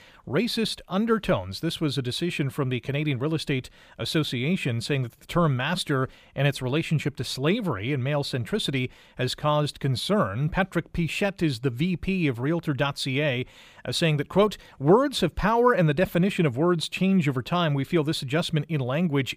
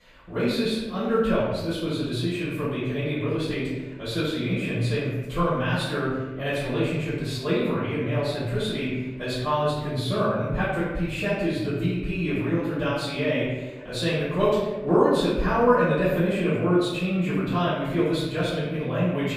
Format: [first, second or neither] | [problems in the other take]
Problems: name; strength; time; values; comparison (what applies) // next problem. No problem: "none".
first | off-mic speech; far // room echo; strong; dies away in 1.1 s